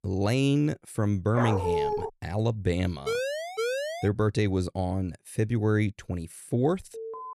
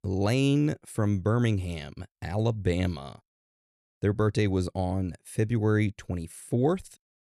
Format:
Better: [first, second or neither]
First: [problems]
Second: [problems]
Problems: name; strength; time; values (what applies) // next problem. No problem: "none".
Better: second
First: dog barking; loud; at 1.5 s; peak level with the speech // siren; noticeable; from 3 to 4 s; peak 2 dB below the speech // alarm; faint; at 7 s; peak 10 dB below the speech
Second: none